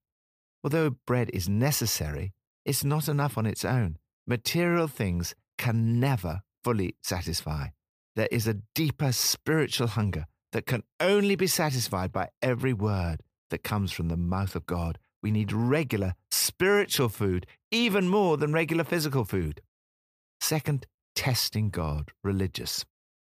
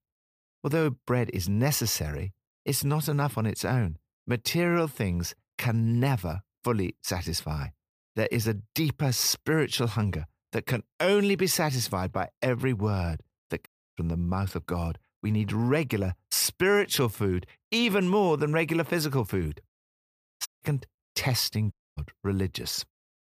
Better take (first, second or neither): first